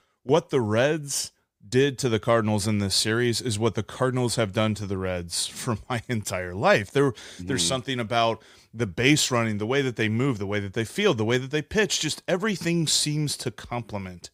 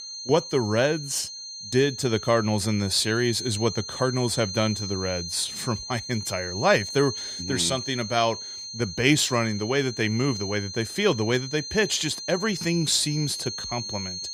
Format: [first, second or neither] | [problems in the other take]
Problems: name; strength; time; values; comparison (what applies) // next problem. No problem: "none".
first | high-pitched whine; loud; throughout; 4 kHz, 8 dB below the speech